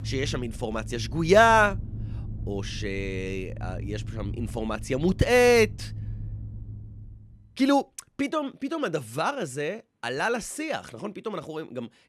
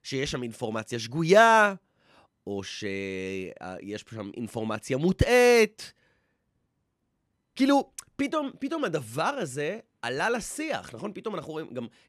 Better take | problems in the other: second | machinery noise; noticeable; until 7 s; 10 dB below the speech

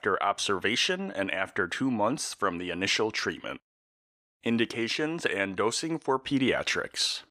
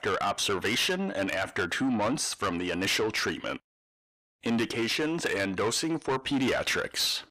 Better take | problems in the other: first | distortion; heavy; 8 dB below the speech

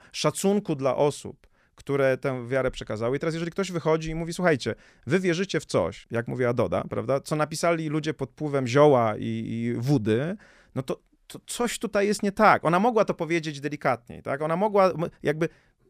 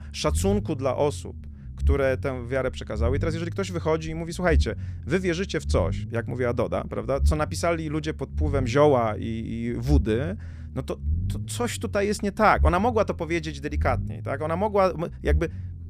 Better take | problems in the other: first | low rumble; faint; throughout; 20 dB below the speech

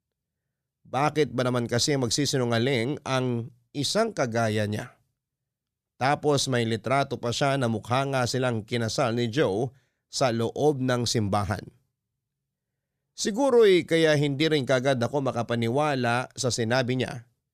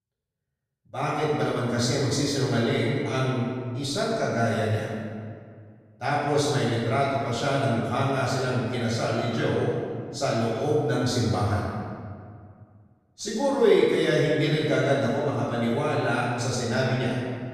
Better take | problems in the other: first | off-mic speech; far // room echo; strong; dies away in 1.8 s

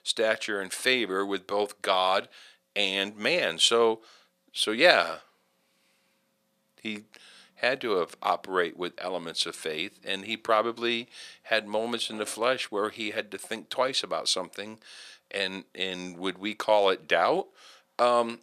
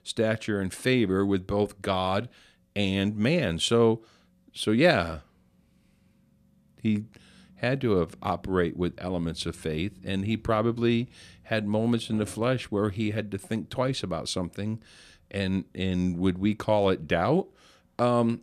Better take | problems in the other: second | thin; very; fading below 550 Hz

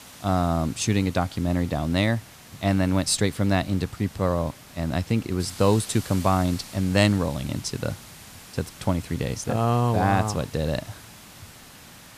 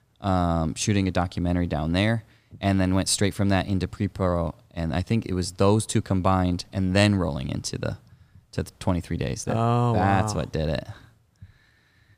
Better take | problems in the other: second | hiss; noticeable; throughout; 20 dB below the speech

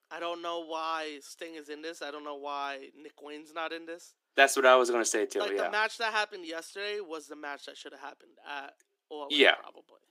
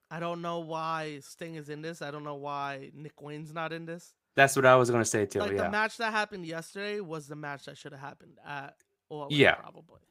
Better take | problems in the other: second | thin; somewhat; fading below 300 Hz

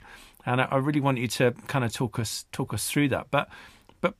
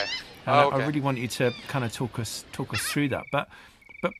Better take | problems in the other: first | animal sounds; very loud; throughout; 1 dB above the speech

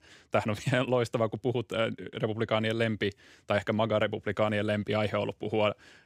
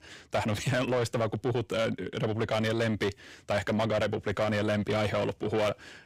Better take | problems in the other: first | distortion; heavy; 7 dB below the speech

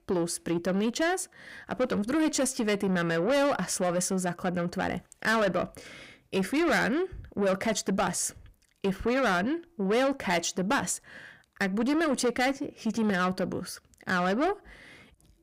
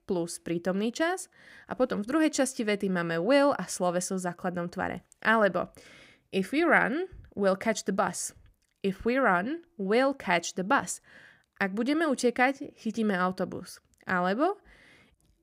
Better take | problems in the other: second | distortion; heavy; 8 dB below the speech

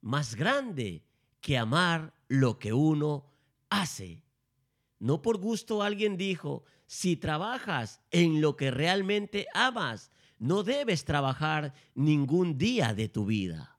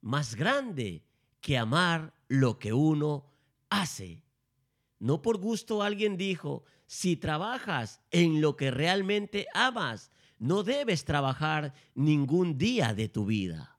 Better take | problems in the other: neither | none

